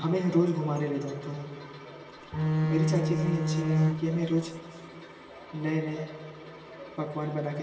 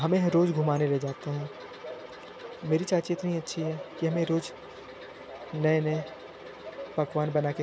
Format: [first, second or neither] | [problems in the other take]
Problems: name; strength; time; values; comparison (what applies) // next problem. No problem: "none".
second | background sound (Bowed string instrument); 3 dB above the speech // room echo; dies away in 2.3 s